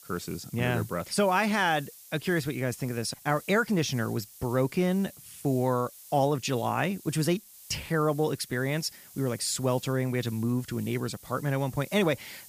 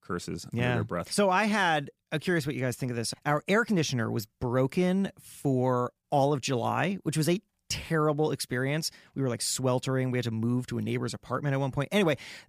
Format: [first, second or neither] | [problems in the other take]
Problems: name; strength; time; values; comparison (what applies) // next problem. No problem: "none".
second | hiss; noticeable; throughout; 20 dB below the speech